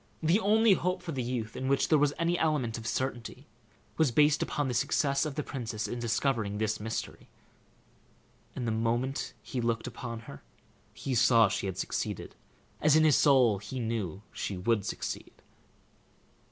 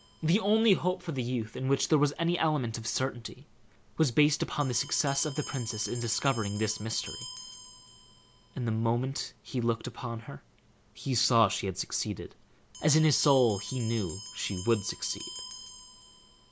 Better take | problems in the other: first | background sound (Bell); 17 dB below the speech

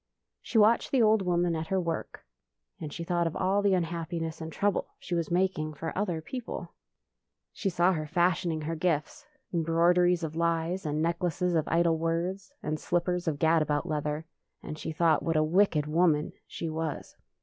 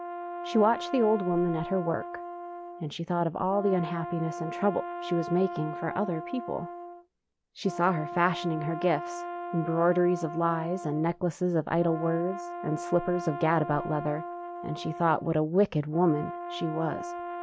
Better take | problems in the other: first | background sound (Brass instrument); 9 dB below the speech

